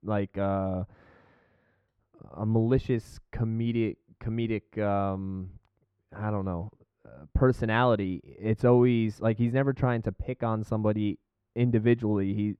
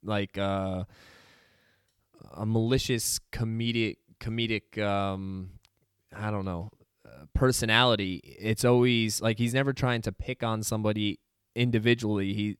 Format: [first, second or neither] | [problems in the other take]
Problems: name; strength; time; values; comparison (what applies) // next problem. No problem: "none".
second | muffled; very; fading above 3 kHz